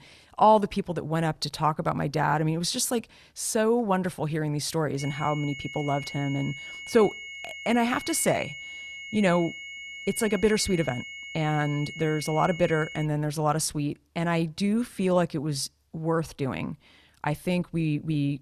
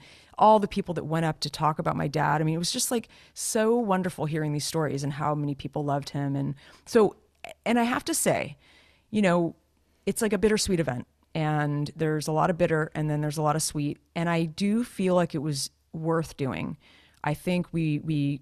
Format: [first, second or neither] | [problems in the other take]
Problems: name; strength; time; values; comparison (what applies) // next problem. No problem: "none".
second | high-pitched whine; noticeable; from 5 to 13 s; 2 kHz, 10 dB below the speech